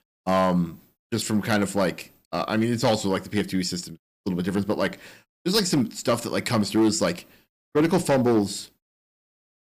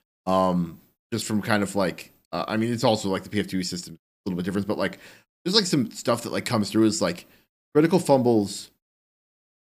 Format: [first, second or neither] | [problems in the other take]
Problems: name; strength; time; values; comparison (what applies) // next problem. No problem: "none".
second | distortion; slight; 4% of the sound clipped